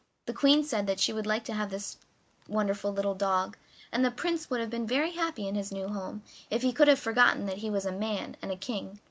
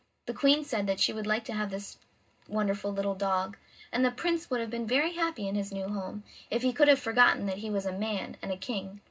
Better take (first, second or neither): first